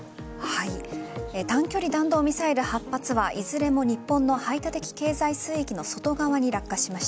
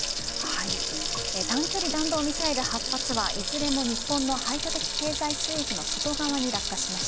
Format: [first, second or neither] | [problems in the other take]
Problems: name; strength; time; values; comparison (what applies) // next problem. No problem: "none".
first | background sound (Sink (filling or washing) / Water tap, faucet); 1 dB above the speech